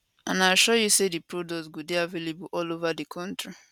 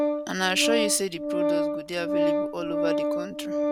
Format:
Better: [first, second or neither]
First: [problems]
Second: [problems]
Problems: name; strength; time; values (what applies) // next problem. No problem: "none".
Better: first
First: none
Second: background sound (Organ); 4 dB above the speech